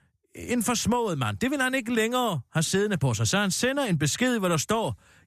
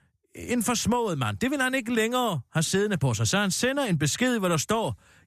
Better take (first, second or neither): neither